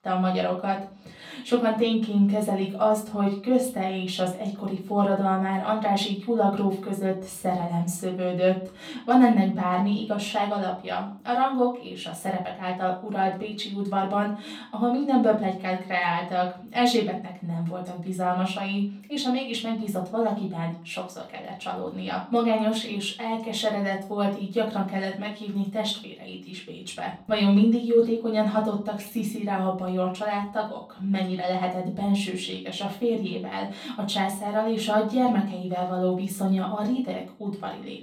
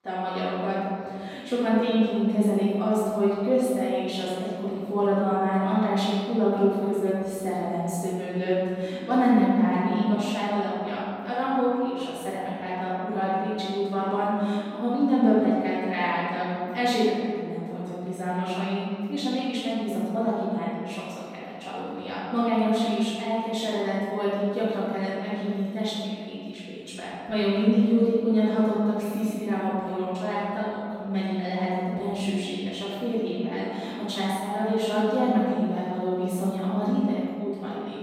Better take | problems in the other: first | room echo; strong; dies away in 2.2 s; slight in the first // off-mic speech; far; far in the first

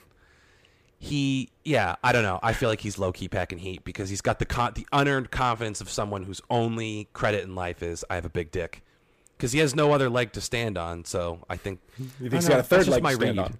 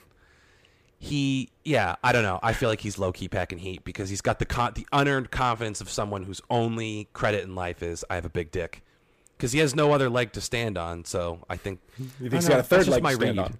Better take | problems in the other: neither | distortion; slight; 10 dB below the speech; the same in both

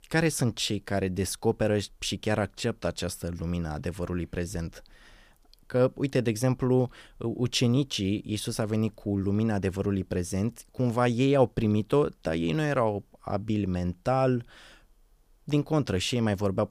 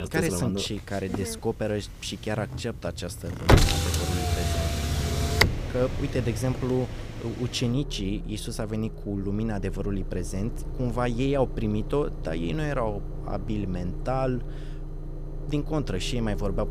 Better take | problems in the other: first | traffic noise; loud; throughout; 1 dB below the speech

